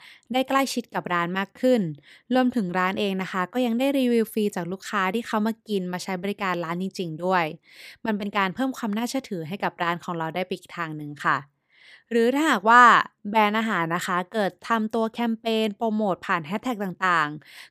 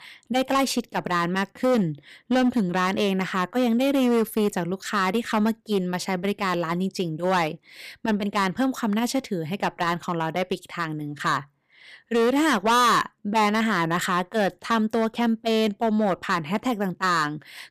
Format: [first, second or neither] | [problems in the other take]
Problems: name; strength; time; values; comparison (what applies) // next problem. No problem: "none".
first | distortion; heavy; 8% of the sound clipped